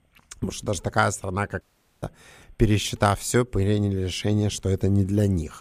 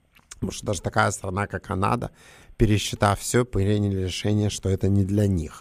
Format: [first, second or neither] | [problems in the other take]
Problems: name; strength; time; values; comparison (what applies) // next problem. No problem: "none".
second | audio cutting out; at 1.5 s